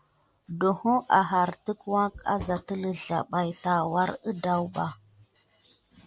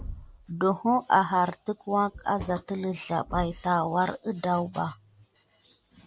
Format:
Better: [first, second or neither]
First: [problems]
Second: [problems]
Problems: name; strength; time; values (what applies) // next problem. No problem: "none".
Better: first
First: none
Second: background sound (Thump, thud); 18 dB below the speech